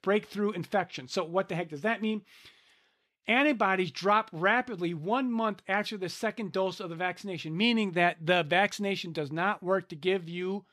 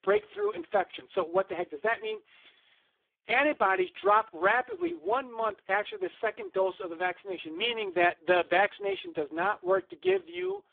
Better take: first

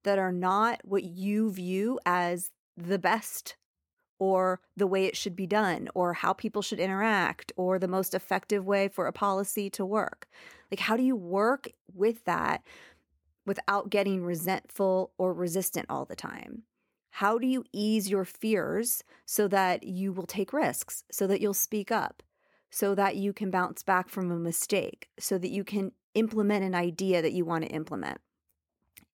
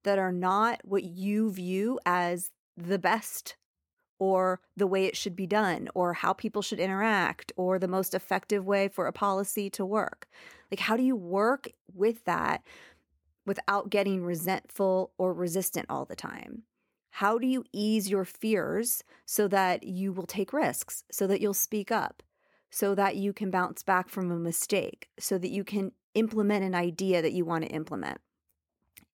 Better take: neither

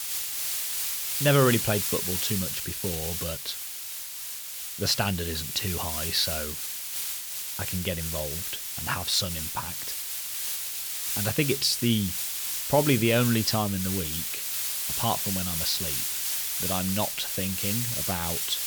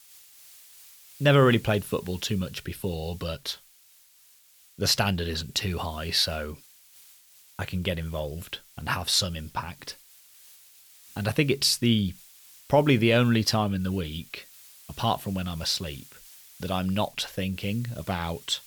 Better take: second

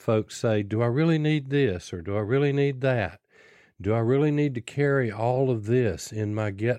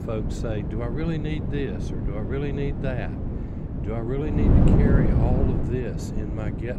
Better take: first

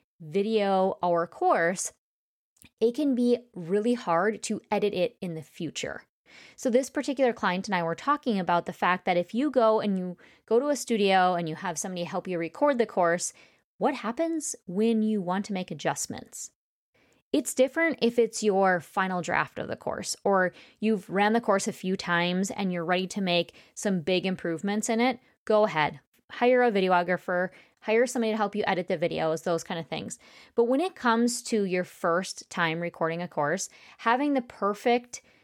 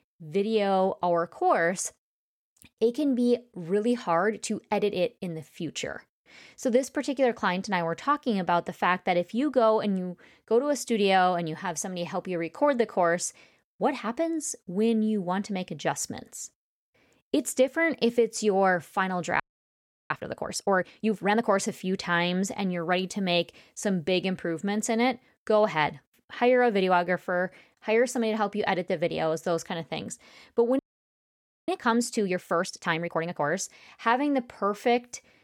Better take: first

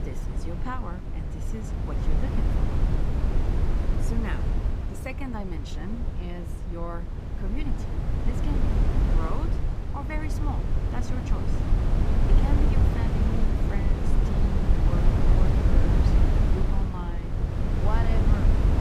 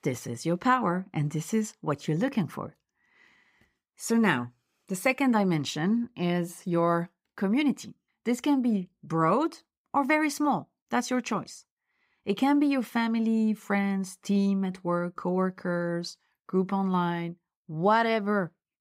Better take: second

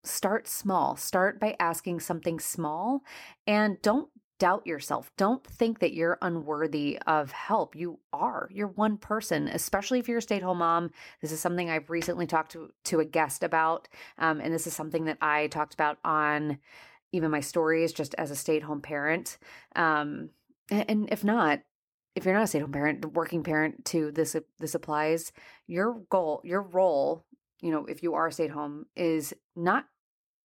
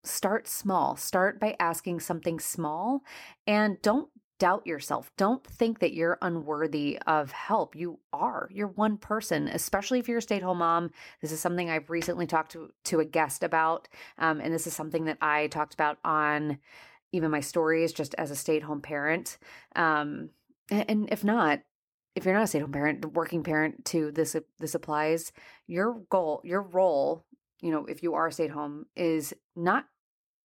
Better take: neither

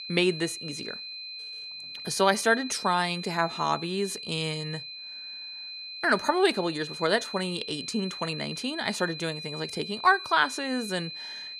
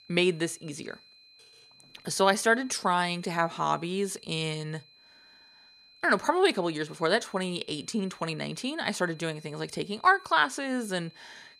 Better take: second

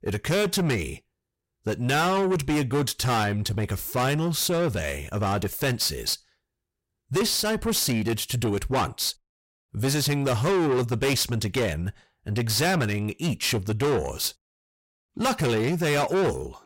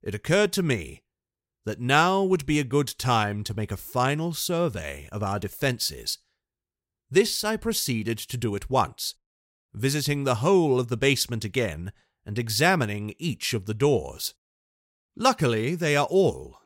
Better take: second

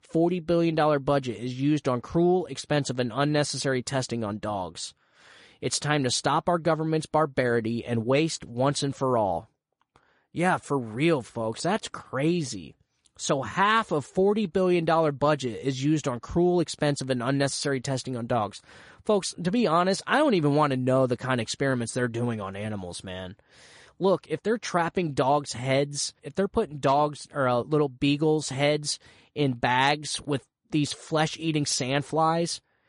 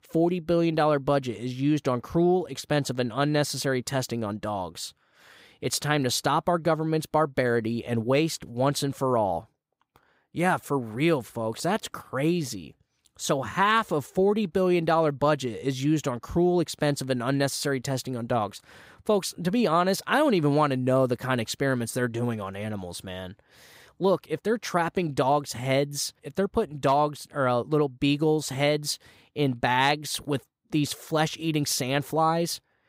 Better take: second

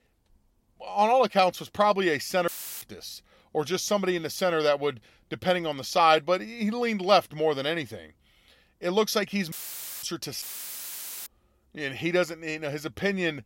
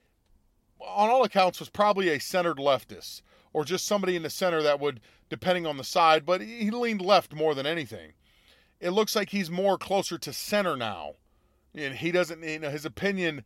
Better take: second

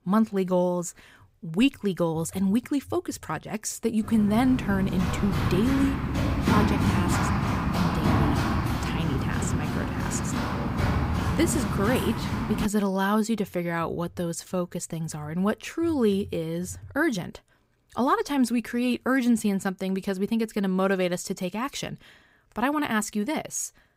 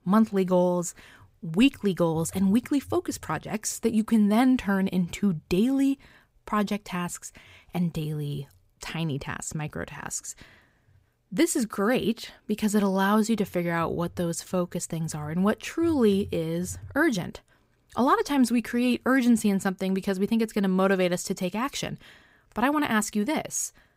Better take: second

